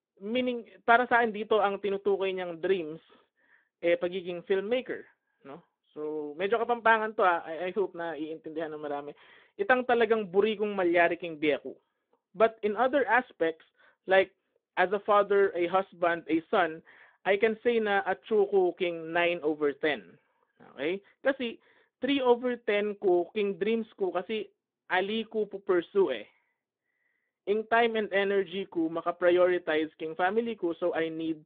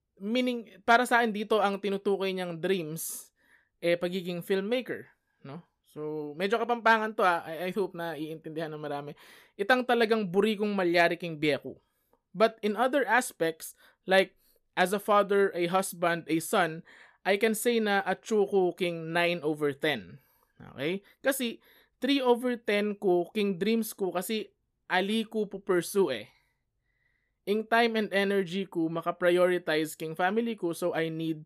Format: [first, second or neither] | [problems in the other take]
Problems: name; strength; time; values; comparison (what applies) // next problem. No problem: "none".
second | phone-call audio